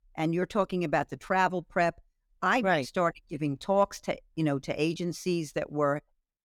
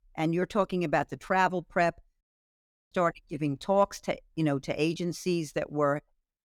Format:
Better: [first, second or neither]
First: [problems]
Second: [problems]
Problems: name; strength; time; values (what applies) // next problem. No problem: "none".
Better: first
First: none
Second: audio cutting out; at 2 s for 0.5 s